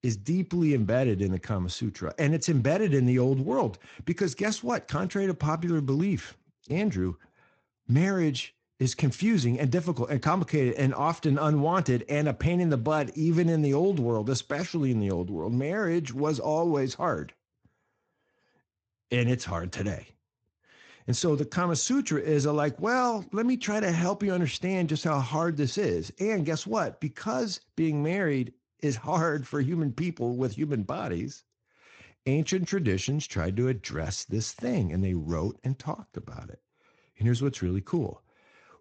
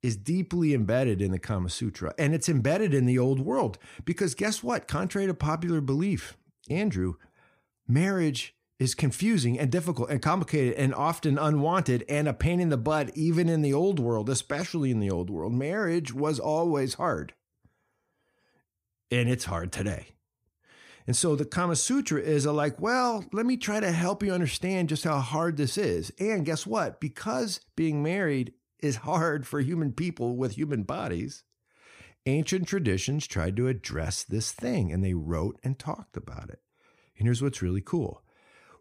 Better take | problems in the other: second | garbled, watery; slightly; nothing above 7.5 kHz

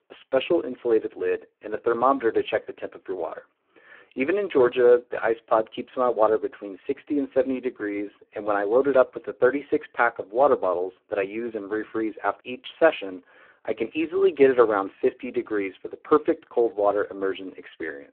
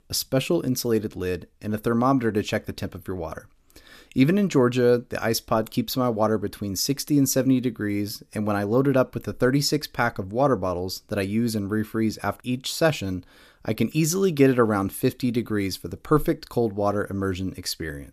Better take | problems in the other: second | phone-call audio; poor line

